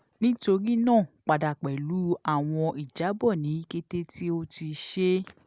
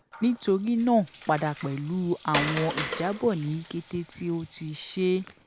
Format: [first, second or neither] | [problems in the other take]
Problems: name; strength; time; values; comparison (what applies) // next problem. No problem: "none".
first | background sound (Water); 11 dB below the speech